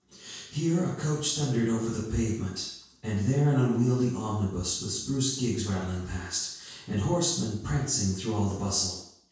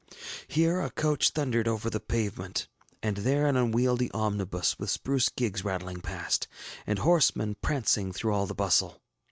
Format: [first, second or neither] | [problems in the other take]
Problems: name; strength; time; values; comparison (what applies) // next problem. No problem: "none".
second | room echo; dies away in 0.6 s